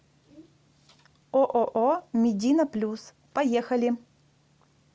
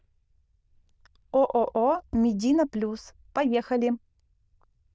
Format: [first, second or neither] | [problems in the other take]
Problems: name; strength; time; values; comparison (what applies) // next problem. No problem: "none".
first | noise reduction (neural diffusion model UNIVERSE++)